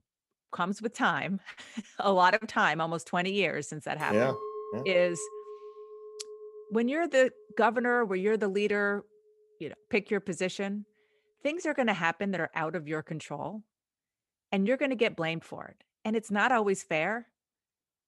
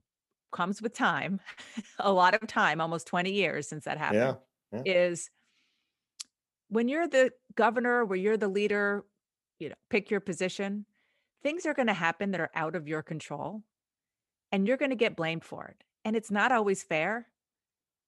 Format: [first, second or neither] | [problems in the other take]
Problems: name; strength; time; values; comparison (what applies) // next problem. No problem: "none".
second | clattering dishes; noticeable; from 4 to 8 s; peak 8 dB below the speech